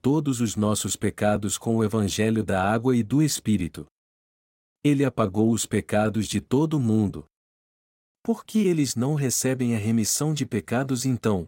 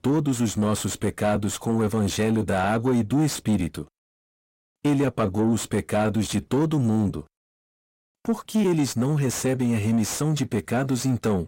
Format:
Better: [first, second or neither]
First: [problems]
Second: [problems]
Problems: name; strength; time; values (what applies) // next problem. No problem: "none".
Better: first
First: none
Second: distortion; slight; 10 dB below the speech